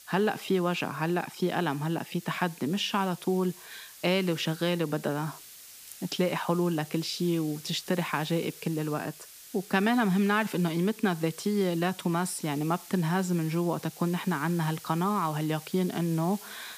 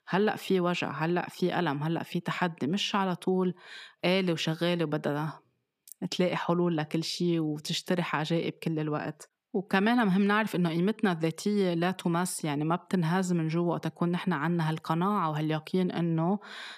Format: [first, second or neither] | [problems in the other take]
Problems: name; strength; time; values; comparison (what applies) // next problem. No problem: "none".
second | hiss; noticeable; throughout; 15 dB below the speech